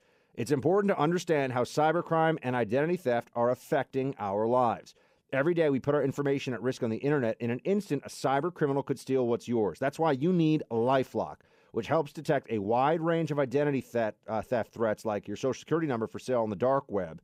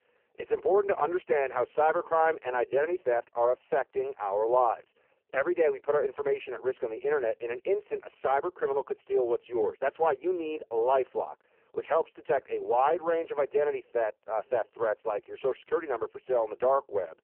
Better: first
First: none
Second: phone-call audio; poor line

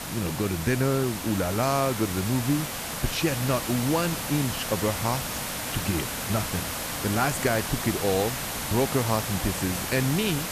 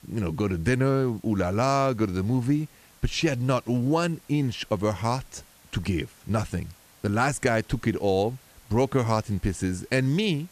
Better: second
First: hiss; loud; throughout; 3 dB below the speech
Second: hiss; faint; throughout; 25 dB below the speech

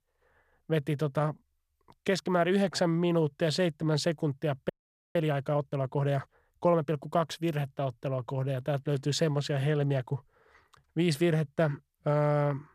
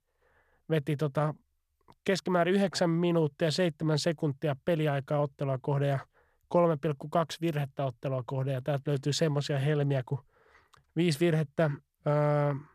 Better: second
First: audio freezing; at 4.5 s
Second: none

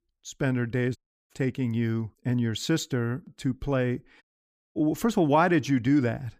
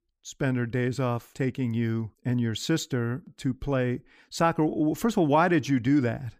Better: second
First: audio cutting out; at 1 s and at 4 s for 0.5 s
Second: none

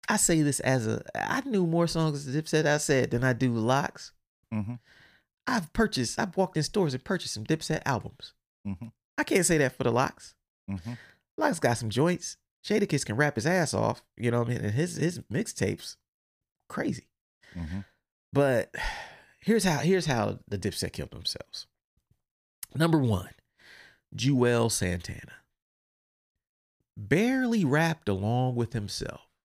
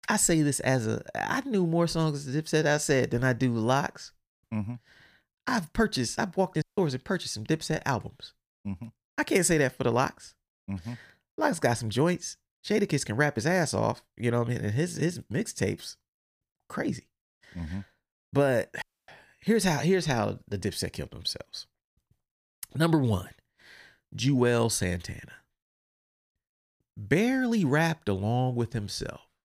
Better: first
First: none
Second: audio cutting out; at 6.5 s and at 19 s

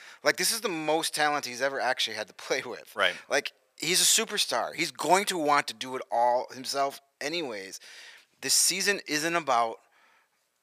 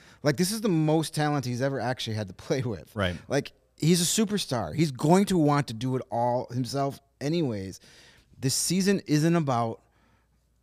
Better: second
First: thin; very; fading below 650 Hz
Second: none

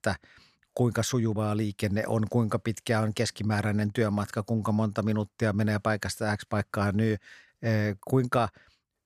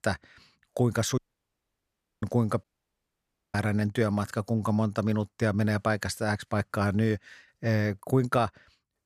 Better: first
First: none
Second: audio cutting out; at 1 s for 1 s and at 2.5 s for 1 s

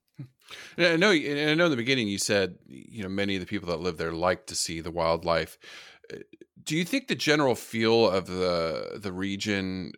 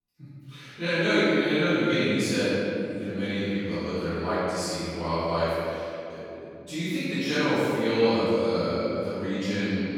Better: first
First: none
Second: off-mic speech; far // room echo; strong; dies away in 3 s

